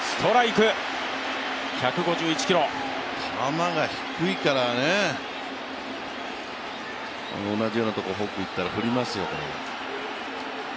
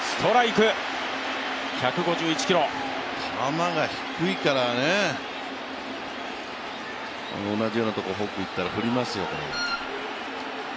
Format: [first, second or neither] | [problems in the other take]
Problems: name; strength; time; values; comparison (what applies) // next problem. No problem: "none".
first | background sound (Wind instrument, woodwind instrument); 6 dB below the speech